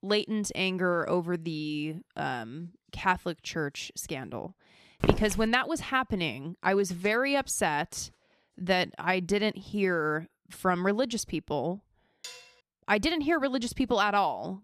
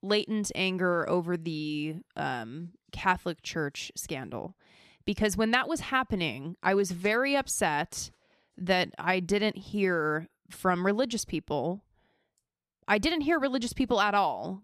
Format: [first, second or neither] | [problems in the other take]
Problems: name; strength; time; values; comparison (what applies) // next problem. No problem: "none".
second | footsteps; loud; at 5 s; peak 1 dB above the speech // clattering dishes; faint; at 12 s; peak 15 dB below the speech